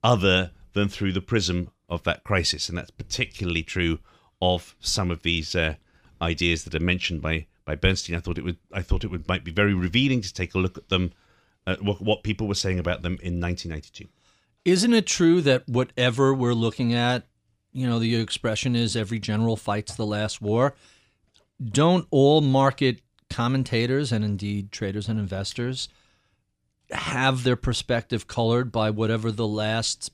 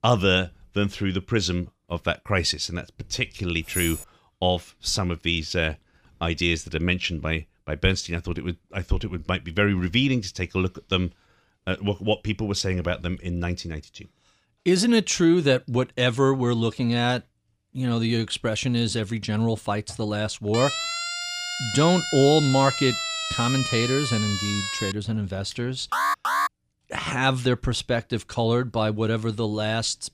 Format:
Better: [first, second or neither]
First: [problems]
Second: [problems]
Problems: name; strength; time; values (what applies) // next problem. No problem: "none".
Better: first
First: none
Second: jangling keys; noticeable; at 3.5 s; peak 5 dB below the speech // siren; noticeable; from 21 to 25 s; peak 2 dB below the speech // alarm; loud; at 26 s; peak 2 dB above the speech